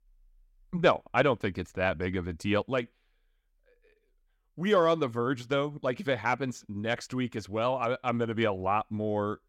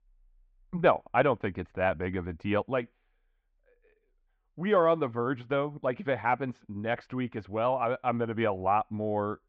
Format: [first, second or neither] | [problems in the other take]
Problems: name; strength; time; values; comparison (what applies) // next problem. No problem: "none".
first | muffled; very; fading above 2.5 kHz